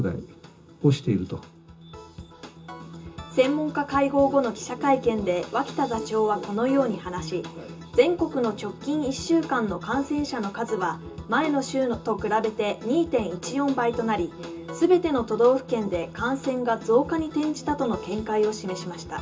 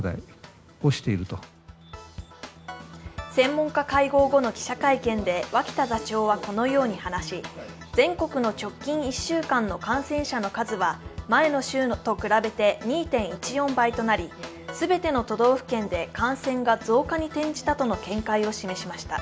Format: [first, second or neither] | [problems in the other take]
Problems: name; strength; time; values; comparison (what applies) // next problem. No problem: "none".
second | room echo; dies away in 0.2 s